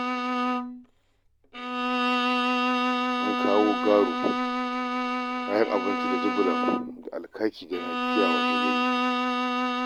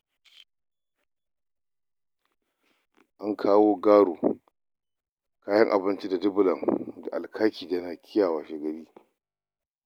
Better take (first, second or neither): second